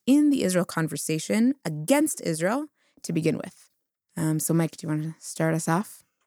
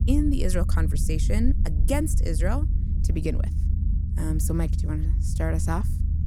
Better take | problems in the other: first | low rumble; loud; throughout; 10 dB below the speech

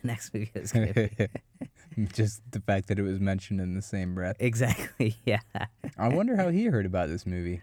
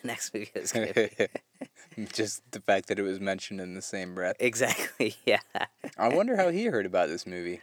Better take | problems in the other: first | thin; somewhat; fading below 400 Hz

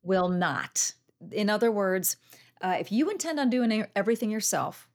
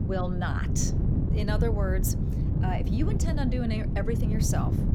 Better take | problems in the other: first | wind noise on the microphone; heavy; 4 dB below the speech

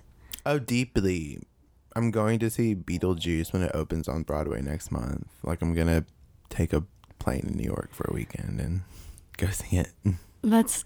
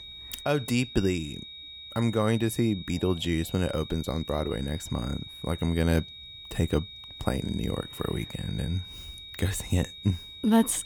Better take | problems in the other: first | high-pitched whine; noticeable; throughout; 4 kHz, 10 dB below the speech

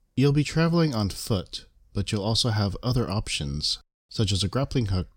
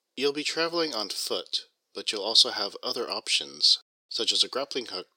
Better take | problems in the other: first | thin; very; fading below 400 Hz

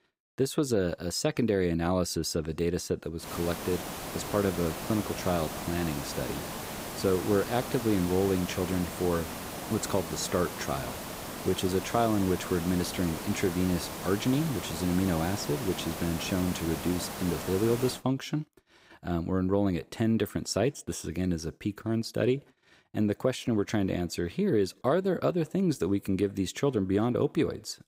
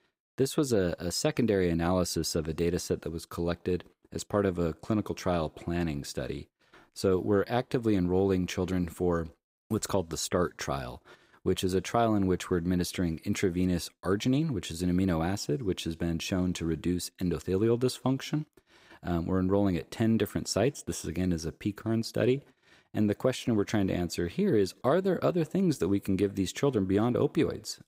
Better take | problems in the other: second | hiss; loud; from 3 to 18 s; 7 dB below the speech

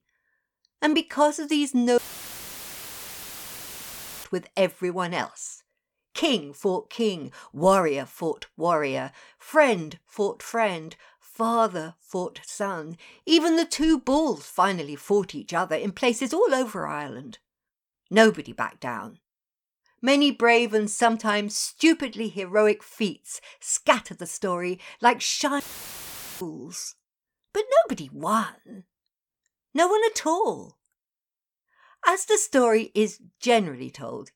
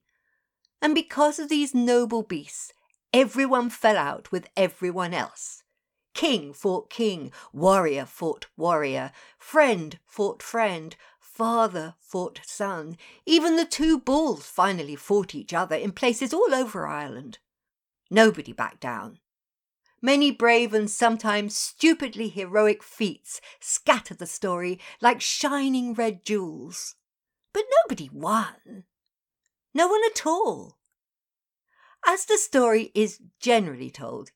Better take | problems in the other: second | audio cutting out; filled with static; at 2 s for 2.5 s and at 26 s for 1 s

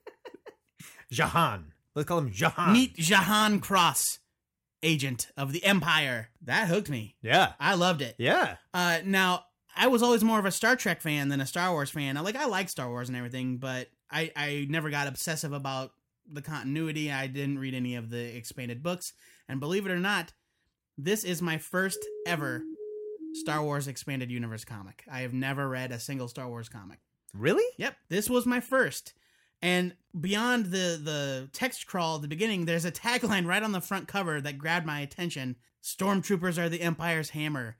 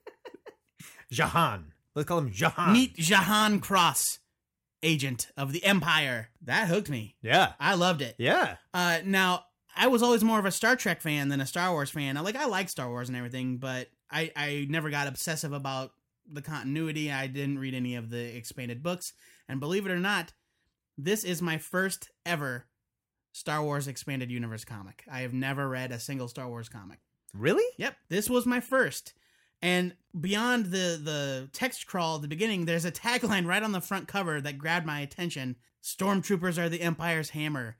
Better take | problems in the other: second | siren; faint; from 22 to 24 s; peak 10 dB below the speech

